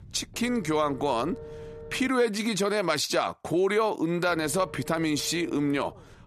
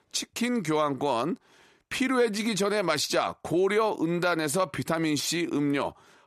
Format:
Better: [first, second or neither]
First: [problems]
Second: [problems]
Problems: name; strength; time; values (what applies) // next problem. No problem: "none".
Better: second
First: low rumble; noticeable; until 2 s and from 4.5 s on; 20 dB below the speech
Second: none